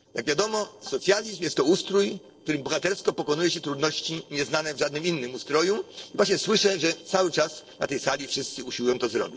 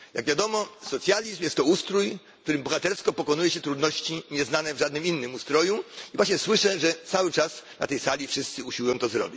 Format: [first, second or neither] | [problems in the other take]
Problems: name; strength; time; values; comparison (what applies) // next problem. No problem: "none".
second | noise reduction (neural separator model SepFormer DNS4)